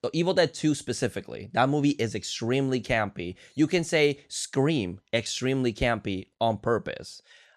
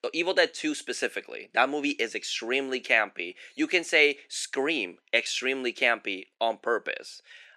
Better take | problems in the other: first | thin; somewhat; fading below 300 Hz

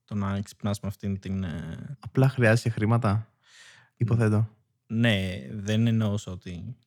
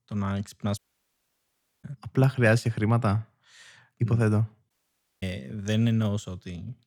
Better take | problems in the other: first | audio cutting out; at 1 s for 1 s and at 4.5 s for 0.5 s

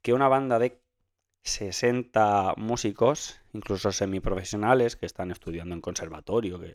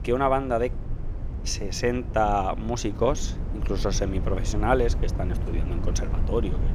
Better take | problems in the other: first | low rumble; noticeable; throughout; 15 dB below the speech

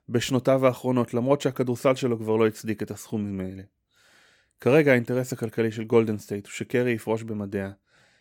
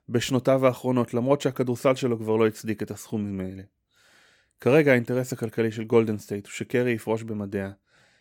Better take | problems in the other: neither | none

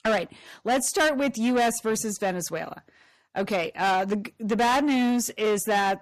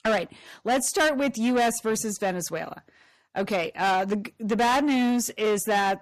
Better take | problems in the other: neither | distortion; heavy; 7 dB below the speech; the same in both

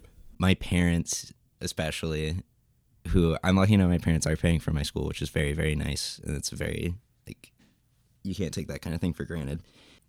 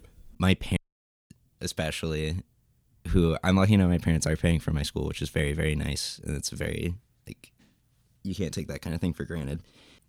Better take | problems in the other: first | audio cutting out; at 1 s for 0.5 s

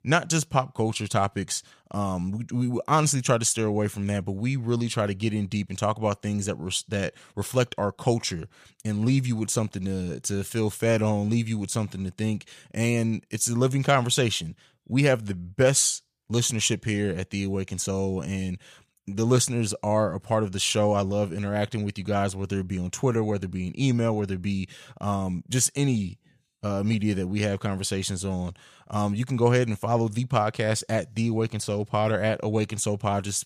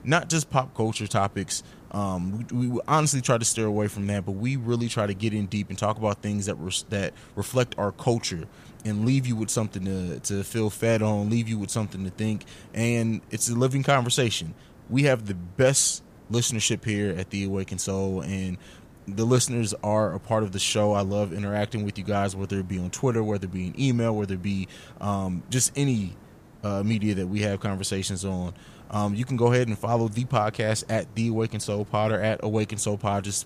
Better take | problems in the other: first | hiss; faint; throughout; 25 dB below the speech

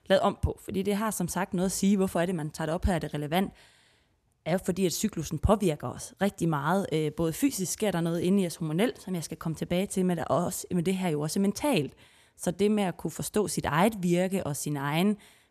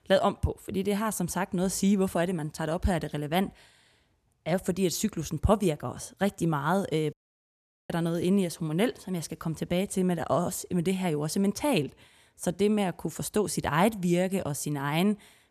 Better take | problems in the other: first | audio cutting out; at 7 s for 1 s

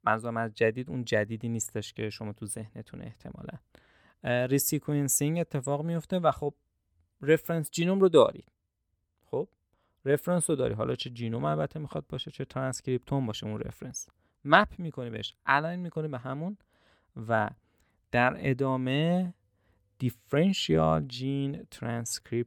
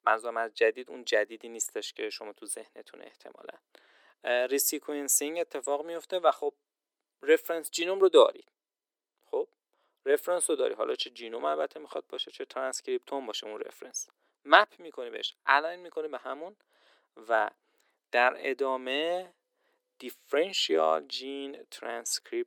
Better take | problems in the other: first | thin; very; fading below 350 Hz

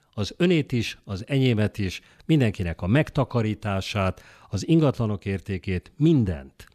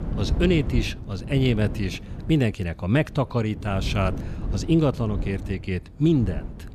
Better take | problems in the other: first | wind noise on the microphone; occasional gusts; 15 dB below the speech

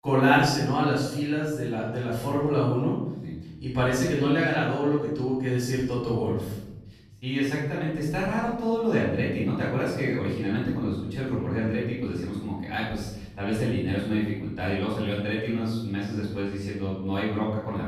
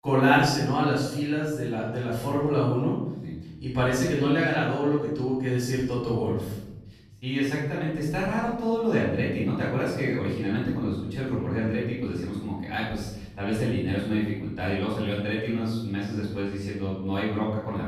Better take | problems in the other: neither | off-mic speech; far; the same in both // room echo; noticeable; dies away in 1 s; the same in both

